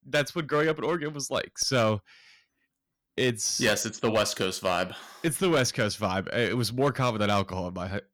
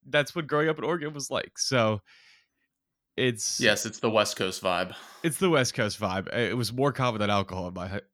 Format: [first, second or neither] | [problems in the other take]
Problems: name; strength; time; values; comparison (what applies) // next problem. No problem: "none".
second | distortion; slight; 4% of the sound clipped